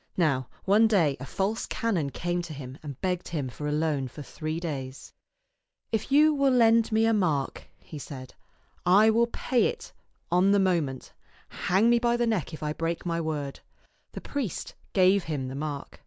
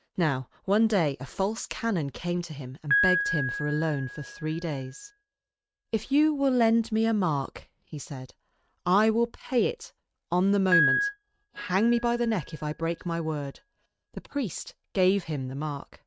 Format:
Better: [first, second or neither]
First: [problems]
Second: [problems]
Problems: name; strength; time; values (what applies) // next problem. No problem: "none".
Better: first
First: none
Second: noise reduction (neural mask model RNNoise)